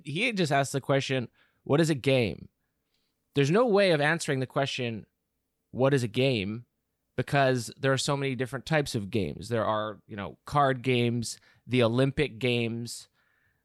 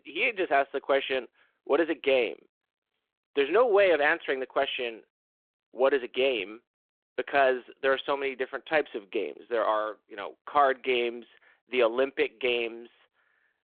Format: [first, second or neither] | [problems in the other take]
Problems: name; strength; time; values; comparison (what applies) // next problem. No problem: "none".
first | phone-call audio